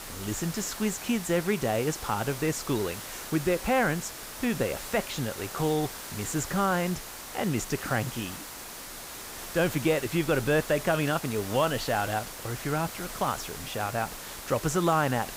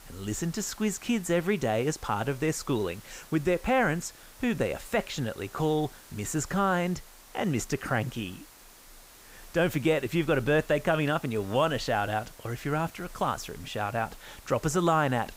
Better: second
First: hiss; loud; throughout; 9 dB below the speech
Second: hiss; faint; throughout; 20 dB below the speech

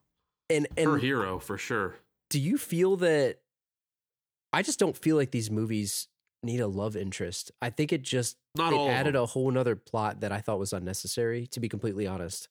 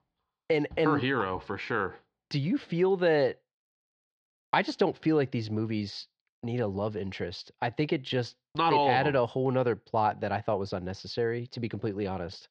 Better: first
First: none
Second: muffled; very slightly; fading above 4.5 kHz

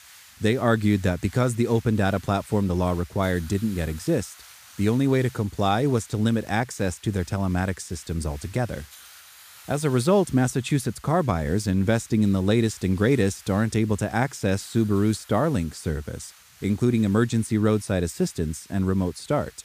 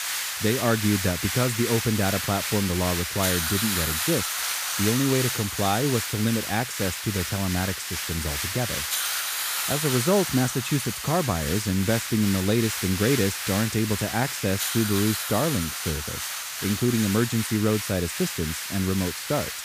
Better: first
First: hiss; faint; throughout; 25 dB below the speech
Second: hiss; loud; throughout; 2 dB below the speech

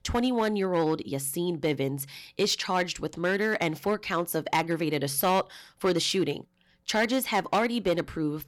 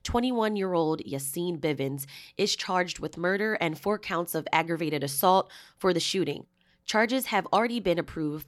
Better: second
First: distortion; slight; 4% of the sound clipped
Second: none

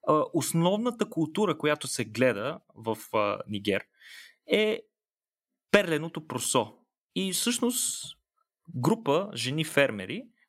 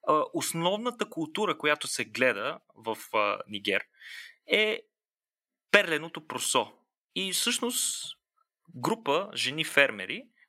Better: first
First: none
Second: thin; very slightly; fading below 750 Hz

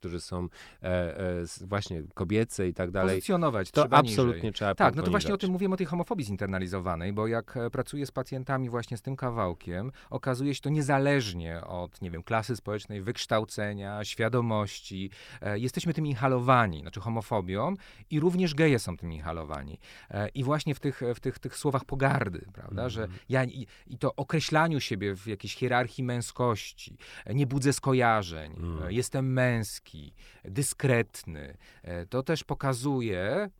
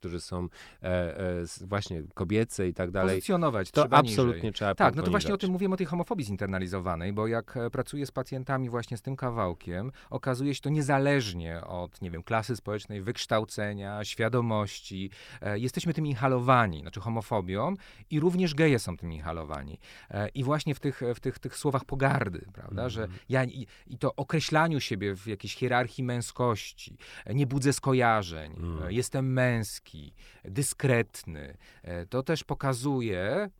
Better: neither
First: none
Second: none

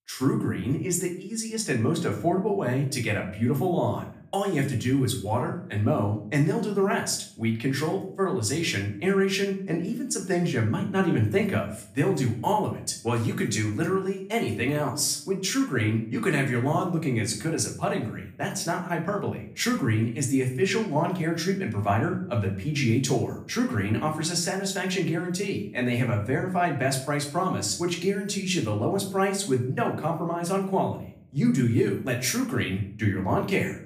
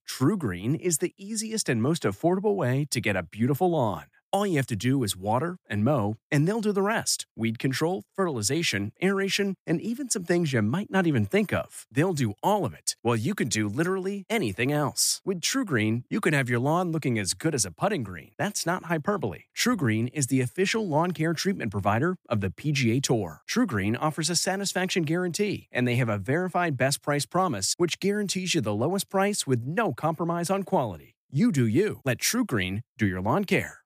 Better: second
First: room echo; slight; dies away in 0.5 s // off-mic speech; somewhat distant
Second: none

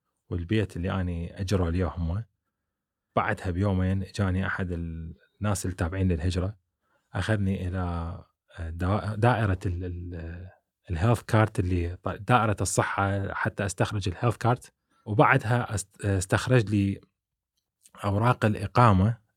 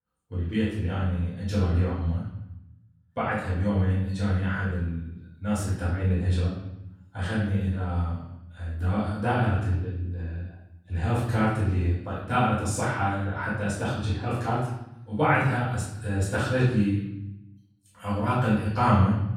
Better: first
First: none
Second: off-mic speech; far // room echo; noticeable; dies away in 0.8 s

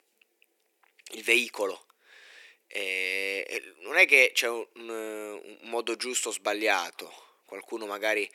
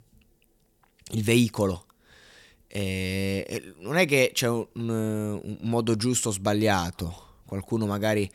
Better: second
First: thin; very; fading below 350 Hz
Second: none

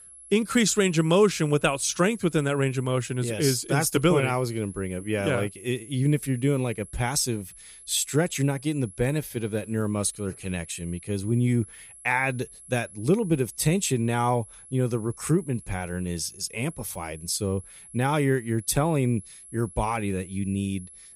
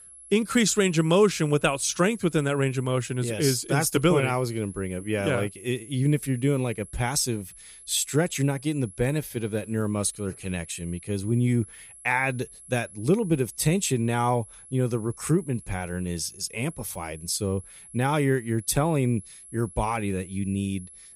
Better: neither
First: high-pitched whine; noticeable; throughout; 11 kHz, 20 dB below the speech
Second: high-pitched whine; noticeable; throughout; 11 kHz, 20 dB below the speech

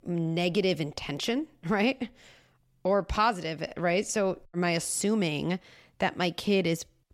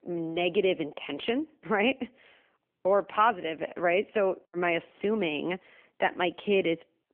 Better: first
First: none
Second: phone-call audio; nothing above 3 kHz

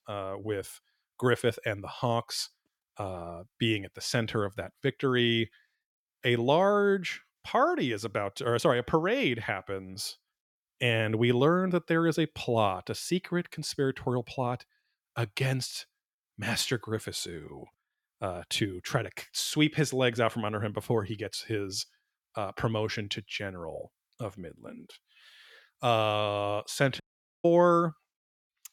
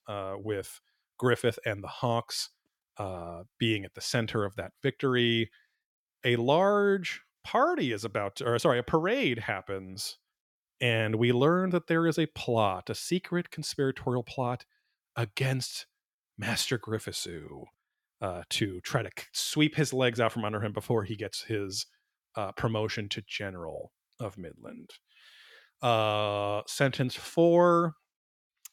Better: second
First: audio cutting out; at 27 s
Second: none

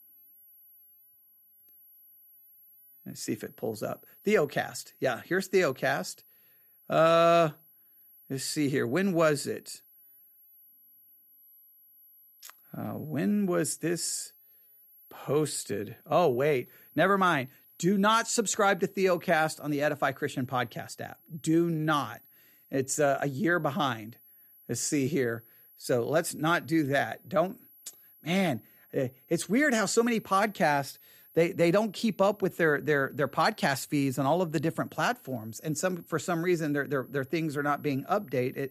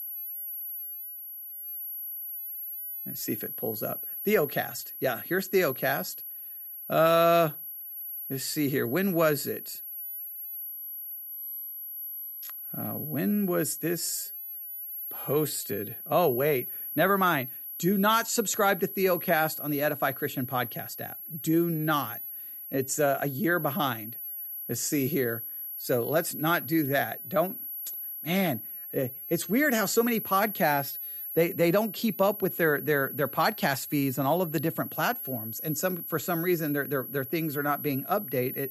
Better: first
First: high-pitched whine; faint; throughout; 11.5 kHz, 25 dB below the speech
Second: high-pitched whine; loud; throughout; 11.5 kHz, 8 dB below the speech

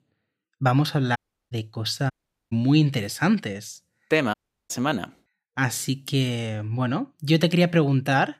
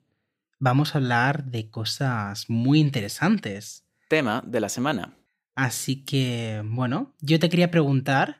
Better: second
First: audio cutting out; at 1 s, at 2 s and at 4.5 s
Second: none

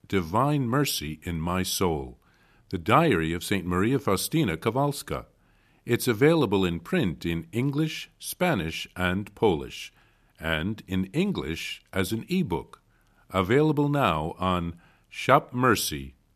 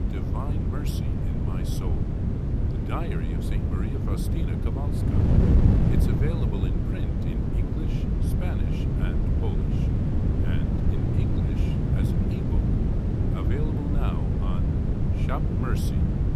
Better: first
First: none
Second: wind noise on the microphone; heavy; 5 dB above the speech

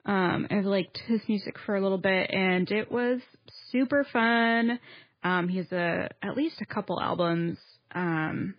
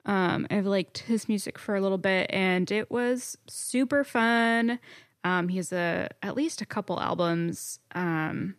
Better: second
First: garbled, watery; badly; nothing above 4.5 kHz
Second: none

